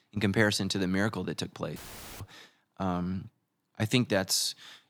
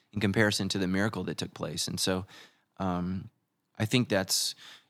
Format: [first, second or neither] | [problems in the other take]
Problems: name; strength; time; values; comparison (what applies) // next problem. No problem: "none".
second | audio cutting out; filled with static; at 2 s